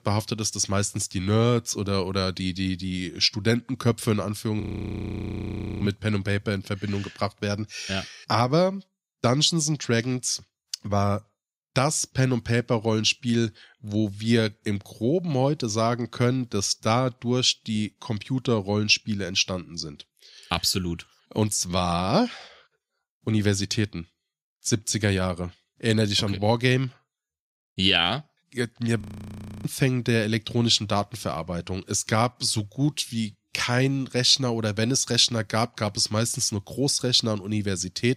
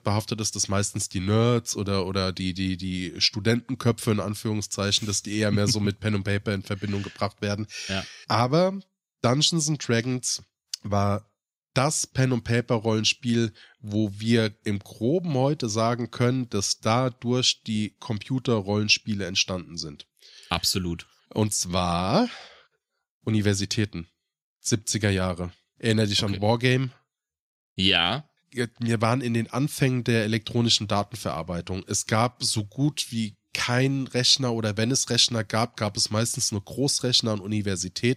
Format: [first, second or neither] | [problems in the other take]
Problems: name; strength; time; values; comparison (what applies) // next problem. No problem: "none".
second | audio freezing; at 4.5 s for 1 s and at 29 s for 0.5 s